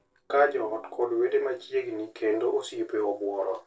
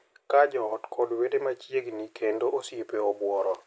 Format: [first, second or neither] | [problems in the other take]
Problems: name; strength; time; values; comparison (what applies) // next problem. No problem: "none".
second | noise reduction (neural separator model SepFormer DNS4)